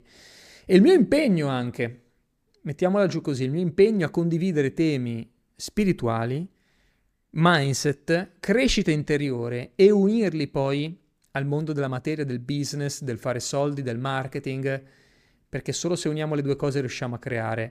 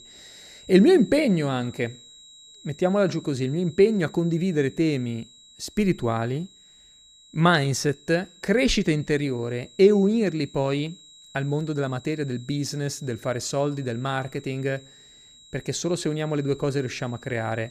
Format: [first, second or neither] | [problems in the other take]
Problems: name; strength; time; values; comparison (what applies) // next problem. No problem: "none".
first | high-pitched whine; faint; throughout; 4 kHz, 25 dB below the speech